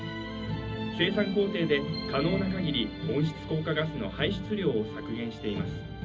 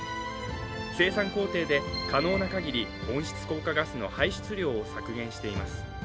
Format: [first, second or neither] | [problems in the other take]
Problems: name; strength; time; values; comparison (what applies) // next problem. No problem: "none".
second | room echo; dies away in 0.4 s